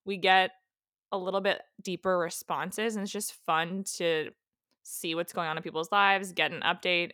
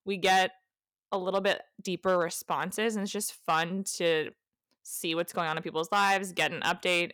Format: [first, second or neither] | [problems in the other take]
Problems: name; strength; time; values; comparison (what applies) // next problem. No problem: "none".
first | distortion; slight; 2% of the sound clipped